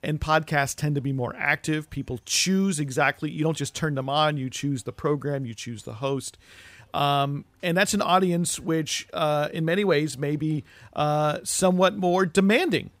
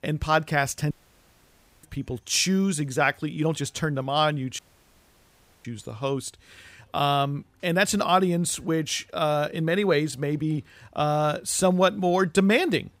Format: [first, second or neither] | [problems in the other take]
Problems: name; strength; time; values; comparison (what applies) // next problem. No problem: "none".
first | audio cutting out; at 1 s for 1 s and at 4.5 s for 1 s